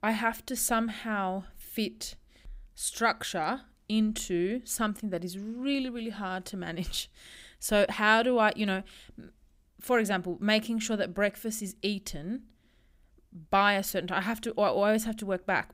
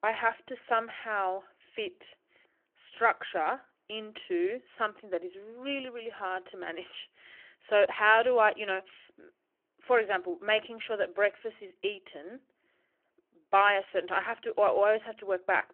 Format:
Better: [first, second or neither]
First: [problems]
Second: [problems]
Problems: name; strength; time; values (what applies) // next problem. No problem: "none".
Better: first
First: none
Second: phone-call audio